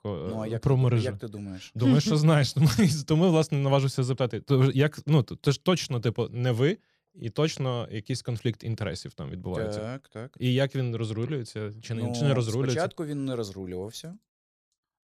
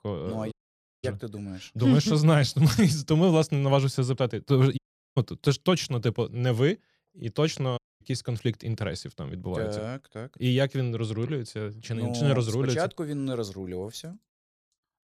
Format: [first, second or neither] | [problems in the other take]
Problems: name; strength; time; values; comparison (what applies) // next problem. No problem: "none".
first | audio cutting out; at 0.5 s for 0.5 s, at 5 s and at 8 s